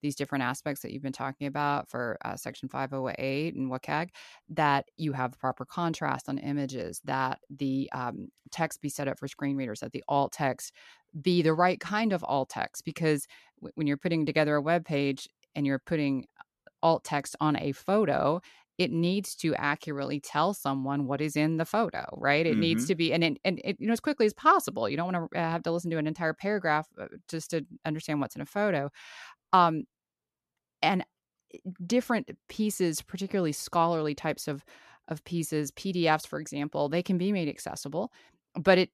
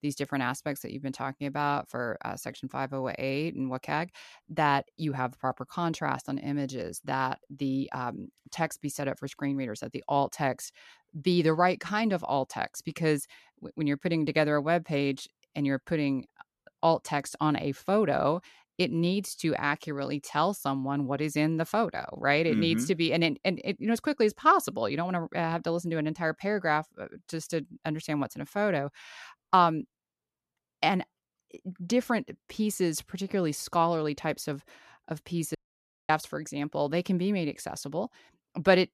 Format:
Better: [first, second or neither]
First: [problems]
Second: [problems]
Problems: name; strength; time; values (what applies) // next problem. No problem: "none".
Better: first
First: none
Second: audio cutting out; at 36 s for 0.5 s